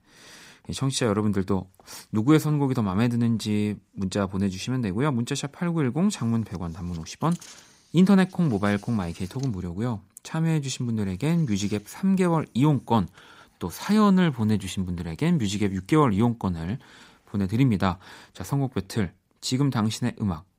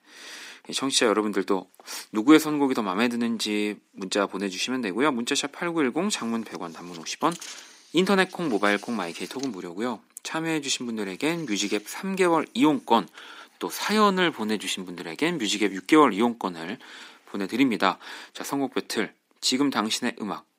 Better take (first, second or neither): first